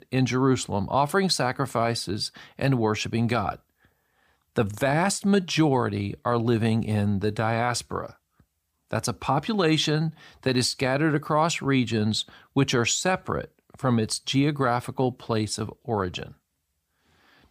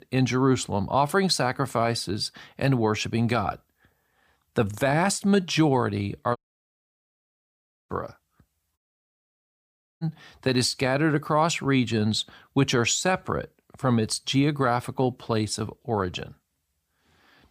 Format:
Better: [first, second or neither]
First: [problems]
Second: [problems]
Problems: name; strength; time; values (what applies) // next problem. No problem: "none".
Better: first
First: none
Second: audio cutting out; at 6.5 s for 1.5 s and at 9 s for 1 s